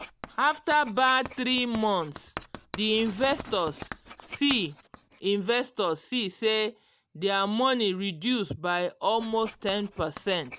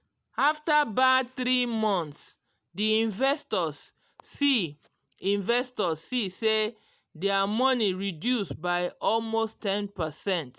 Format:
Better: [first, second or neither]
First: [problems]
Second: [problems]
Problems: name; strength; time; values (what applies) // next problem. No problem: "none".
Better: second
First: background sound (Writing); 18 dB below the speech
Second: none